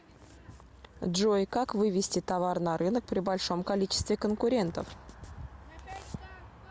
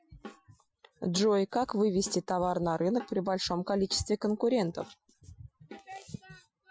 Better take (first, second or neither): first